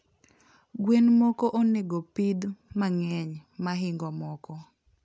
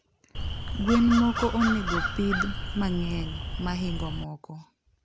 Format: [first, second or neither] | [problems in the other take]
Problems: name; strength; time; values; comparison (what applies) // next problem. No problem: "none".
first | background sound (Crow); 3 dB below the speech